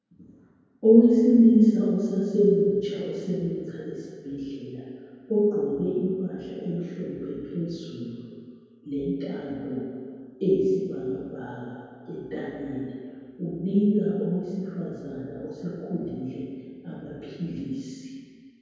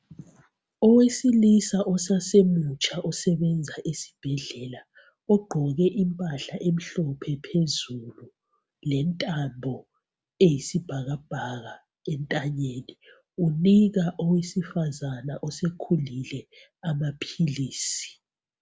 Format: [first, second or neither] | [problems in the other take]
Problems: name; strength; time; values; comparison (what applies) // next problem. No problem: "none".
second | room echo; dies away in 2.2 s